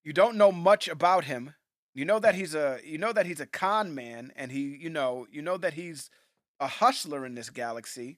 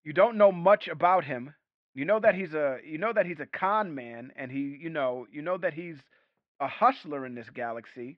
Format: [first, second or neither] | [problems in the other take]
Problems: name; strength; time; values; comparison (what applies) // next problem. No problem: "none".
first | muffled; very; fading above 3 kHz